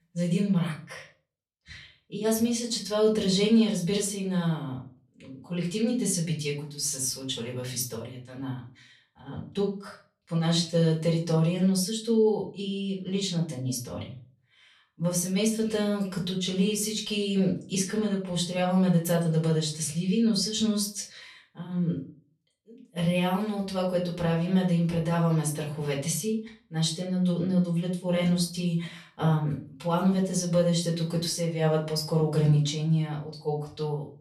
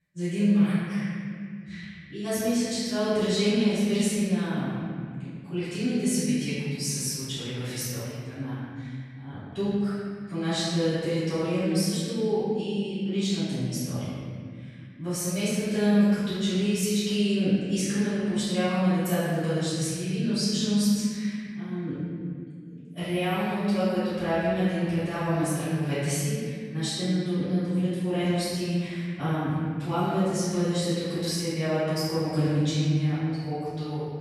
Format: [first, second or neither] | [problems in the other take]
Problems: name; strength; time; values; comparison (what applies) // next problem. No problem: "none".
first | room echo; strong; dies away in 2.3 s; slight in the first // off-mic speech; far; far in the first